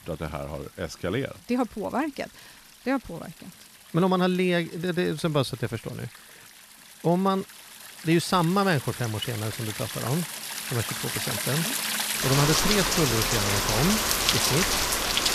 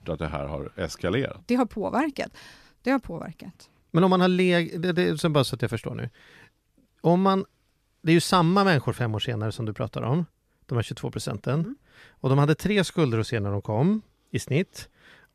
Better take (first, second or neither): second